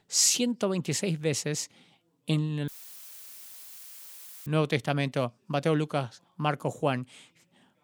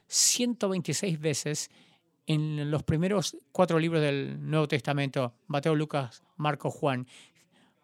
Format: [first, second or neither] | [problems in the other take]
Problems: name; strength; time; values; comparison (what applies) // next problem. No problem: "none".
second | audio cutting out; filled with static; at 2.5 s for 2 s